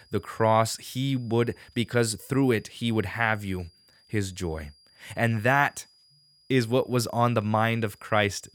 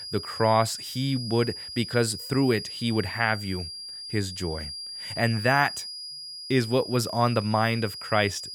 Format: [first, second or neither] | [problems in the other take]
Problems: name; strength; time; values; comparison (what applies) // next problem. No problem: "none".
first | high-pitched whine; loud; throughout; 5 kHz, 9 dB below the speech; faint in the first